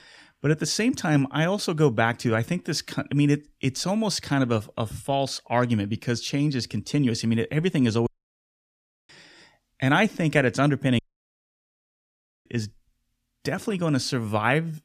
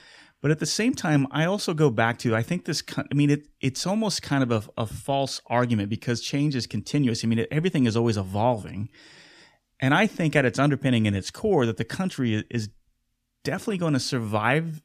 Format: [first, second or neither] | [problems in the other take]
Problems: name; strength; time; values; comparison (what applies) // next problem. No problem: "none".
second | audio cutting out; at 8 s for 1 s and at 11 s for 1.5 s